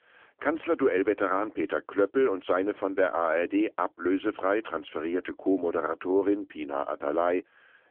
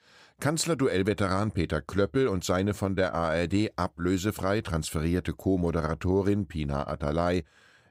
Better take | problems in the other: second | phone-call audio; nothing above 3.5 kHz

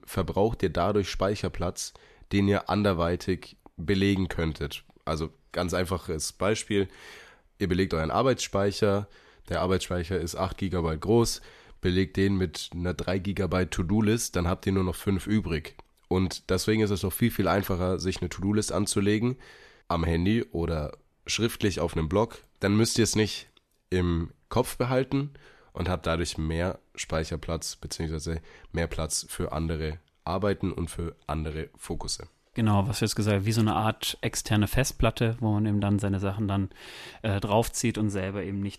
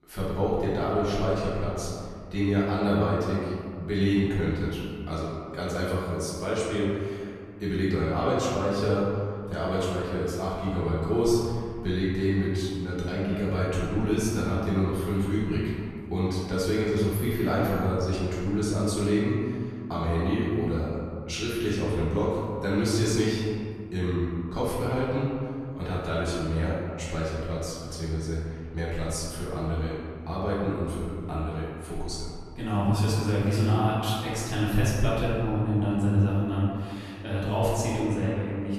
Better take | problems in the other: first | room echo; strong; dies away in 2 s // off-mic speech; far

